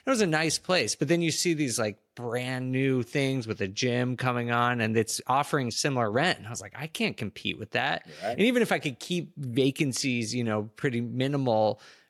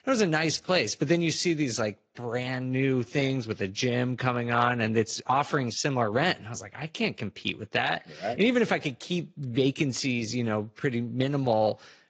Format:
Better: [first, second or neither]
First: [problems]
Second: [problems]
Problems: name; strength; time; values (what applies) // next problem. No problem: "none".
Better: first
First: none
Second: garbled, watery; slightly; nothing above 7.5 kHz